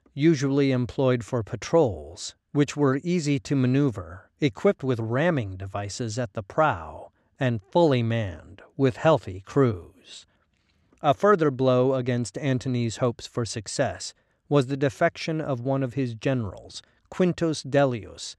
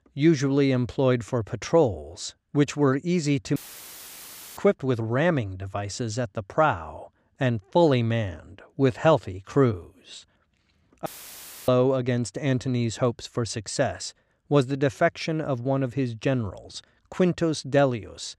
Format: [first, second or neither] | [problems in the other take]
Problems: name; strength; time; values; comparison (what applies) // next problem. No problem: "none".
first | audio cutting out; filled with static; at 3.5 s for 1 s and at 11 s for 0.5 s